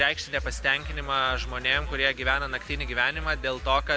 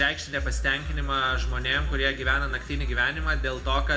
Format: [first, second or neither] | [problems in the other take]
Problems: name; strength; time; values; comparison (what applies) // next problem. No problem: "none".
first | room echo; dies away in 0.3 s